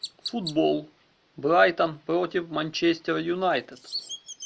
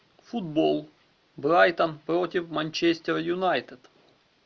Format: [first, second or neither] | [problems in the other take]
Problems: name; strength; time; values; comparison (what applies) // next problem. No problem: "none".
second | background sound (Chirp, tweet); 16 dB below the speech